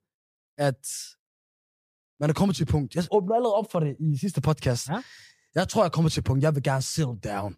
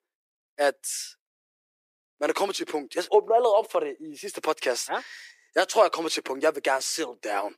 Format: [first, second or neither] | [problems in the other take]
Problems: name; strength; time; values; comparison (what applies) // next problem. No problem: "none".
first | thin; very; fading below 350 Hz